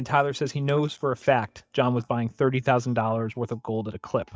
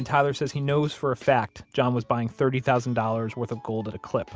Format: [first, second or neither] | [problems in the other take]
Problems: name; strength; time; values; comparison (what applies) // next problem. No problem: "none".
second | noise reduction (neural mask model DeepFilterNet 3)